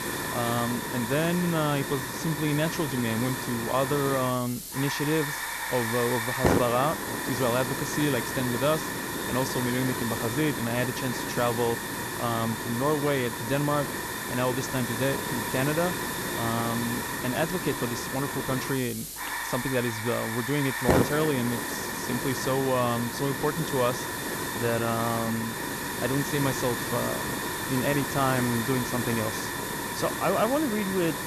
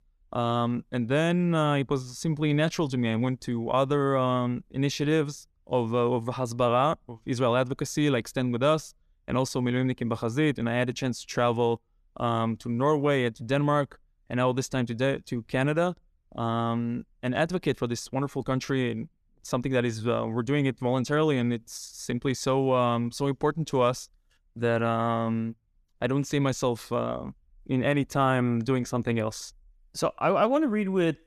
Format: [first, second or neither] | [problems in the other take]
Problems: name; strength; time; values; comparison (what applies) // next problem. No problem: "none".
second | hiss; loud; throughout; 2 dB below the speech